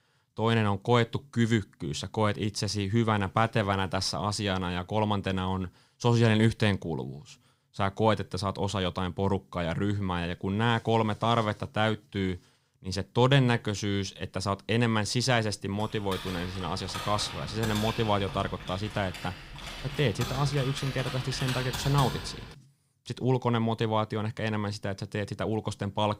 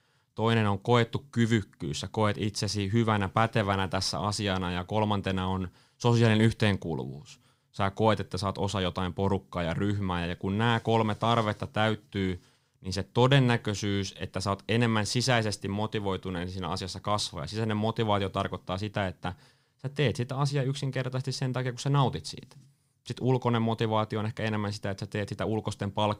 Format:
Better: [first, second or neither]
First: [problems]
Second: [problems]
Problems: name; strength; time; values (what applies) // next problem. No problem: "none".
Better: second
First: keyboard typing; noticeable; from 16 to 23 s; peak 5 dB below the speech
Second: none